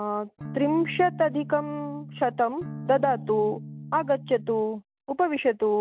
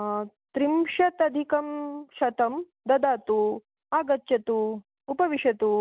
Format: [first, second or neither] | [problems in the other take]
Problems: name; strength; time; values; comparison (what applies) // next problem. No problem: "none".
second | background sound (Electric guitar / Strum); 13 dB below the speech